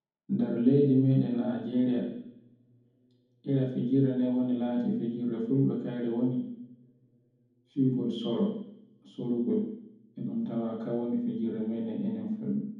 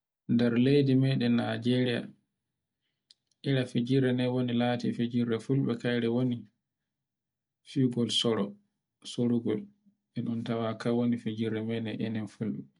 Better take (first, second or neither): second